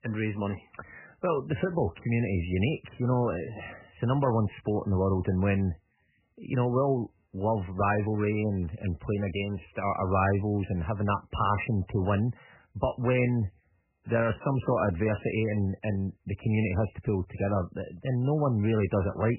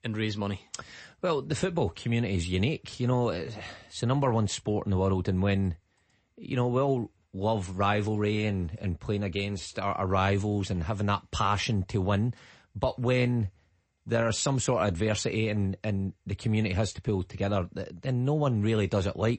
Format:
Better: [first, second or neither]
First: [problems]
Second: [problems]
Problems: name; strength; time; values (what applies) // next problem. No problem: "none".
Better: second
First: garbled, watery; badly; nothing above 3 kHz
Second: garbled, watery; slightly; nothing above 8 kHz